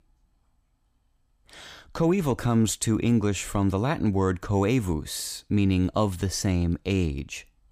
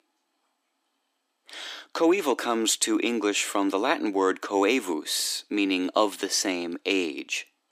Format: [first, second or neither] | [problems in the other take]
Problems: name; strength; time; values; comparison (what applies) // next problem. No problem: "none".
first | thin; somewhat; fading below 300 Hz